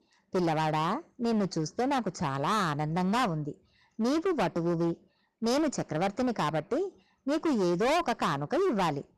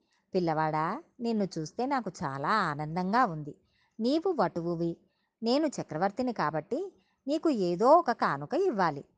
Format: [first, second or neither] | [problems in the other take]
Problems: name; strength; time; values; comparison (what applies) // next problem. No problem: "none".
second | distortion; heavy; 18% of the sound clipped